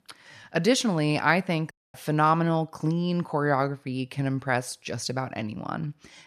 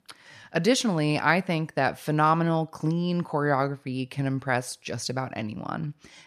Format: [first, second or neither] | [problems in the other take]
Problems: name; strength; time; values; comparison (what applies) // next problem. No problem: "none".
second | audio cutting out; at 1.5 s